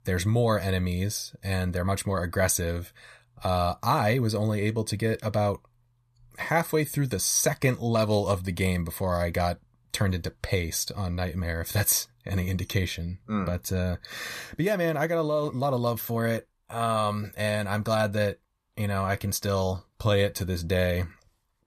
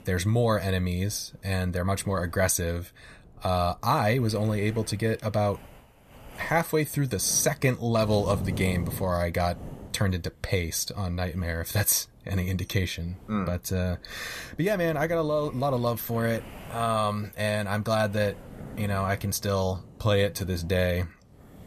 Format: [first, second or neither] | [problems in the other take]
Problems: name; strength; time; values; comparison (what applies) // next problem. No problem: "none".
first | wind noise on the microphone; occasional gusts; 20 dB below the speech